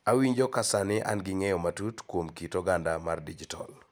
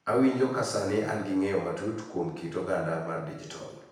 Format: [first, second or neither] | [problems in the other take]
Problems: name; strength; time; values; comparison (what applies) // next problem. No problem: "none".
first | room echo; dies away in 0.9 s